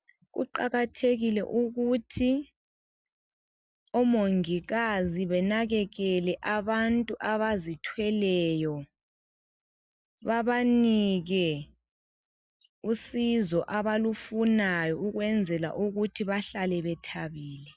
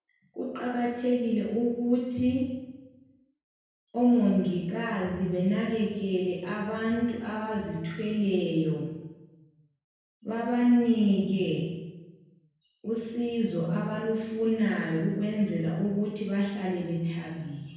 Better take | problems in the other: first | room echo; dies away in 1 s

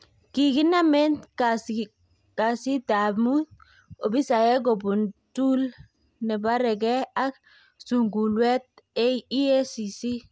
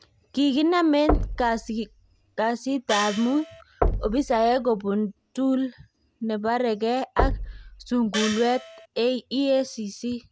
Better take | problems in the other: first | background sound (Gong + Knock); 6 dB below the speech

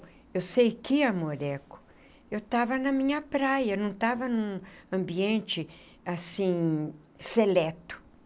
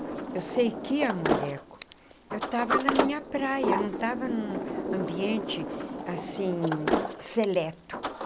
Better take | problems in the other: first | background sound (Sliding door); 1 dB below the speech

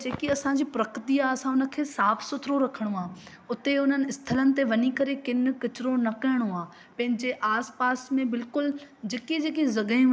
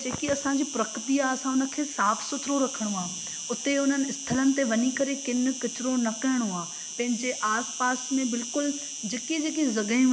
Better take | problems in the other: first | background sound (Insect); 9 dB below the speech

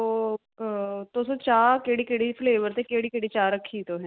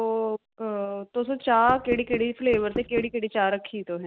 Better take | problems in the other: first | background sound (Knock); 9 dB below the speech

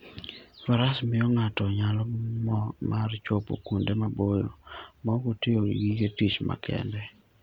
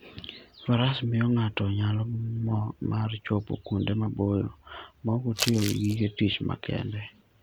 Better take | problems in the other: first | background sound (Crumpling, crinkling); 6 dB below the speech

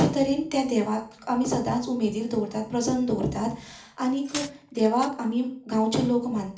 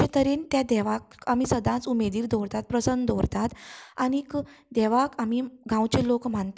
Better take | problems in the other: second | background sound (Glass); 14 dB below the speech // room echo; dies away in 0.4 s

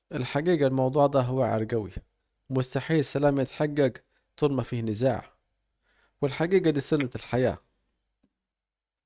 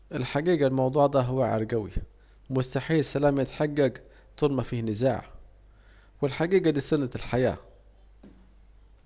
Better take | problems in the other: second | noise reduction (neural mask model RNNoise)

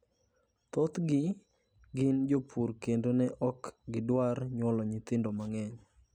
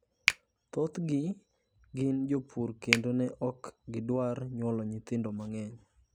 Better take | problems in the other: first | background sound (Finger snapping); 4 dB below the speech

